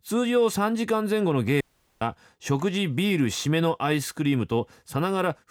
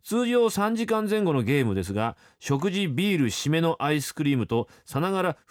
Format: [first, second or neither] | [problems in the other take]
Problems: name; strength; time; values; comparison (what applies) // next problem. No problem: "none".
second | audio cutting out; at 1.5 s